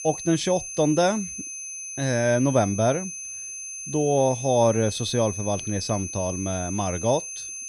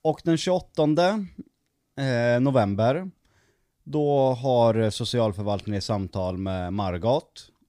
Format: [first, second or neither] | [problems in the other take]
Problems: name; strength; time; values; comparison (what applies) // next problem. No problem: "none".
second | high-pitched whine; loud; throughout; 6.5 kHz, 8 dB below the speech